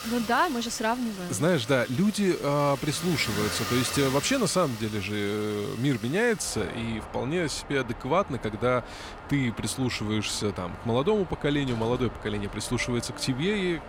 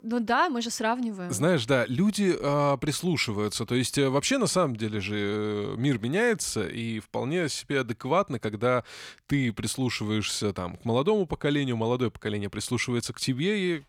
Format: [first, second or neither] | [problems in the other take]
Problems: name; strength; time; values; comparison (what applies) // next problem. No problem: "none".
second | traffic noise; noticeable; throughout; 10 dB below the speech